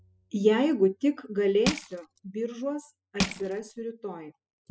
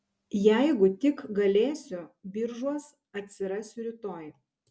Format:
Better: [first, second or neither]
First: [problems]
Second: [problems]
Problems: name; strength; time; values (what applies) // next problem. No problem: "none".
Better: second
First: noise reduction (classical method spectral subtraction)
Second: none